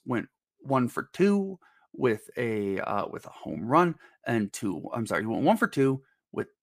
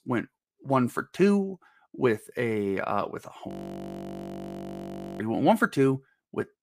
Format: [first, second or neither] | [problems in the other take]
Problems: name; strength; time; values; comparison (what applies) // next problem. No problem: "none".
first | audio freezing; at 3.5 s for 1.5 s